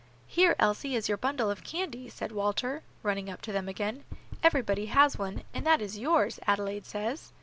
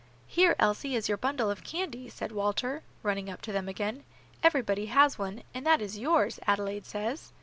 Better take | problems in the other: second | background sound (Knock); 10 dB below the speech

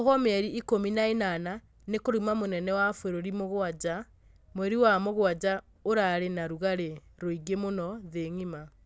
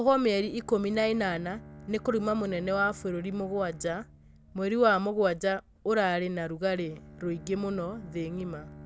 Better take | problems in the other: first | background sound (Bowed string instrument); 20 dB below the speech

